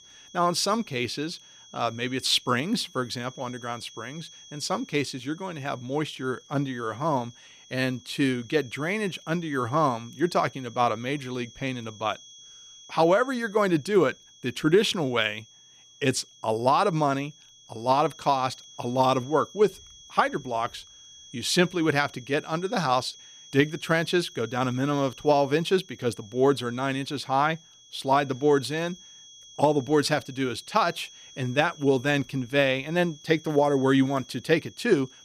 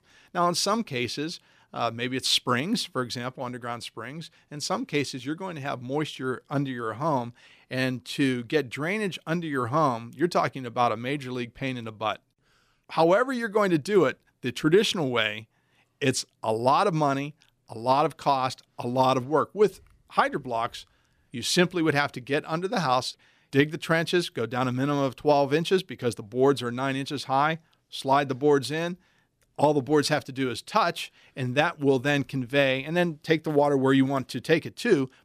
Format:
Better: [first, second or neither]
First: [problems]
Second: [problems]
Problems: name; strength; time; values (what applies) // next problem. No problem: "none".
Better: second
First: high-pitched whine; faint; throughout; 3.5 kHz, 20 dB below the speech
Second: none